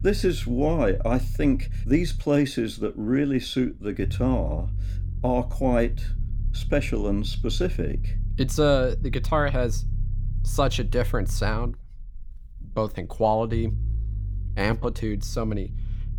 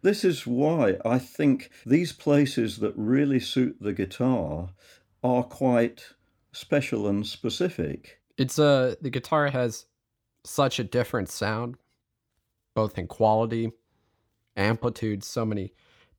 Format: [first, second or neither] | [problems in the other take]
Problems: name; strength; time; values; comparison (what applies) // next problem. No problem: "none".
second | low rumble; faint; throughout; 20 dB below the speech